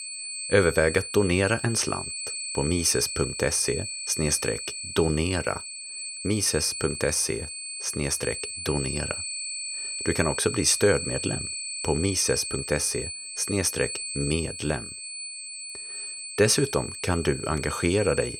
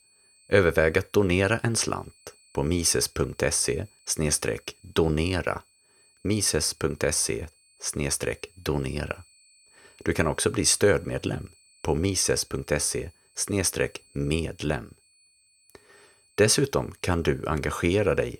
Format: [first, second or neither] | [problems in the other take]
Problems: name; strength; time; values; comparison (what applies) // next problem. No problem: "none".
second | high-pitched whine; loud; throughout; 8 kHz, 6 dB below the speech; faint in the second